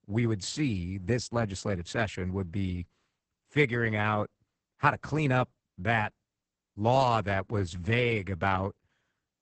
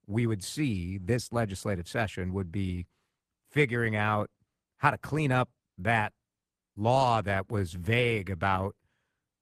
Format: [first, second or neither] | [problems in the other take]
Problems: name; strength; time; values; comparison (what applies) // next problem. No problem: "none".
second | garbled, watery; badly; nothing above 8 kHz; slightly in the second